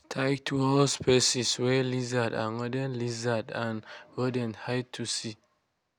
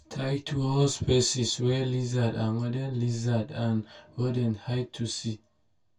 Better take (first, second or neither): first